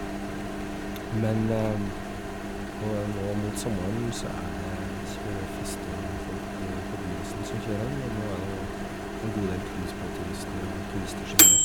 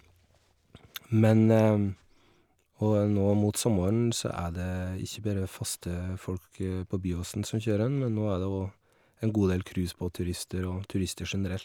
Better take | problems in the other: second | background sound (Microwave oven); 4 dB above the speech

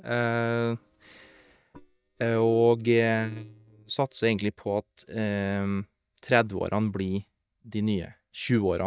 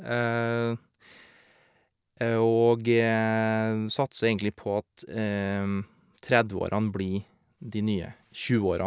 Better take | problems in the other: second | noise reduction (neural mask model DeepFilterNet 3)

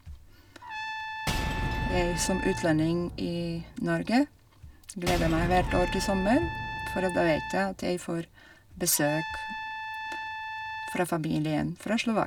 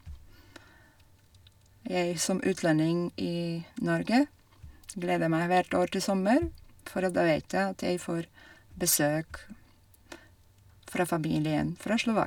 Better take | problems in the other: second | background sound (Trumpet + Shatter / Boom); 5 dB below the speech

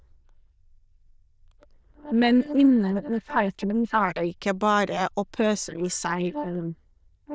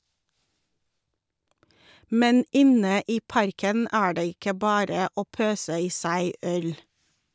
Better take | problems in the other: second | noise reduction (neural diffusion model UNIVERSE++)

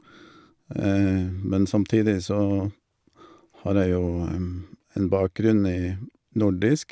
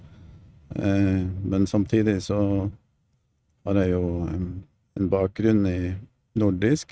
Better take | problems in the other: first | noise reduction (neural mask model RNNoise)

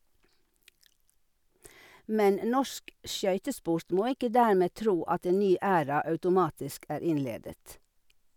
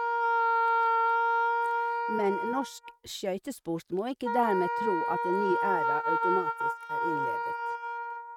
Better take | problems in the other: first | noise reduction (neural mask model RNNoise)

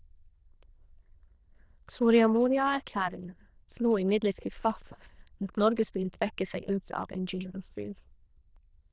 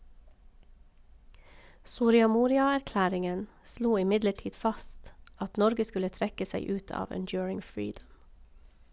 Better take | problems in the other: second | noise reduction (neural diffusion model UNIVERSE++)

